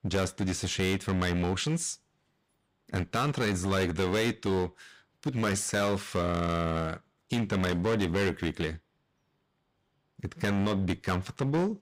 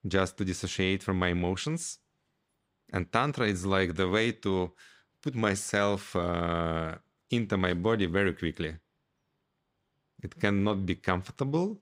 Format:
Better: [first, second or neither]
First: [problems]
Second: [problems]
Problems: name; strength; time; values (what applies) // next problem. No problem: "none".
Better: second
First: distortion; heavy; 11% of the sound clipped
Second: none